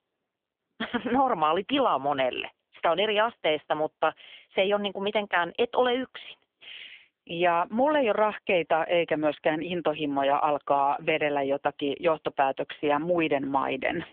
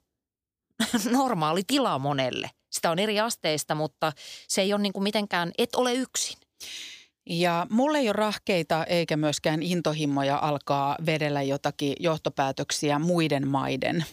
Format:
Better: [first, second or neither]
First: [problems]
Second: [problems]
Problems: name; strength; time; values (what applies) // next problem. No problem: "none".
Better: second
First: phone-call audio; poor line; nothing above 3.5 kHz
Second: none